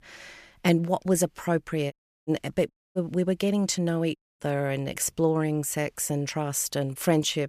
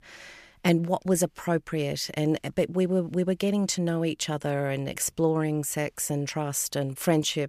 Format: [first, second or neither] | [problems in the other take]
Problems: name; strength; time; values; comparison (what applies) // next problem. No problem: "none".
second | audio cutting out; at 2 s, at 2.5 s and at 4 s